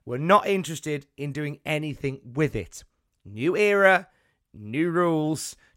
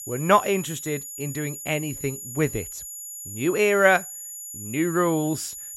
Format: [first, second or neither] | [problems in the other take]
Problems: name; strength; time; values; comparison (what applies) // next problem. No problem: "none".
first | high-pitched whine; noticeable; throughout; 7 kHz, 10 dB below the speech